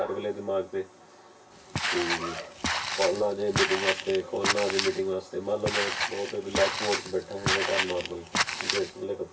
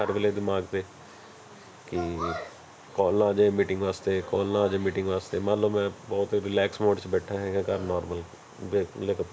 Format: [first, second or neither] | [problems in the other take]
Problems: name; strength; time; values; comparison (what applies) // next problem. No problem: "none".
second | background sound (Walk, footsteps); as loud as the speech // room echo; dies away in 0.1 s